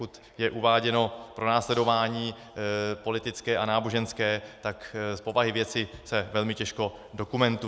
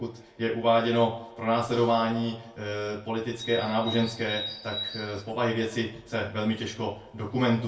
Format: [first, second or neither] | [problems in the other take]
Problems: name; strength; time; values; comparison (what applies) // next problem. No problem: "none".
first | background sound (Bird); 9 dB below the speech // room echo; dies away in 0.3 s